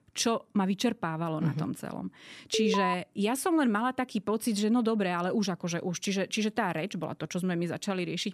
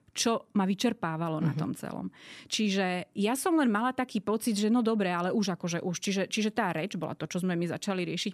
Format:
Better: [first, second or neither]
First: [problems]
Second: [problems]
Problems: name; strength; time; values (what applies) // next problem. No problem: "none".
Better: second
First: alarm; loud; at 2.5 s; peak level with the speech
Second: none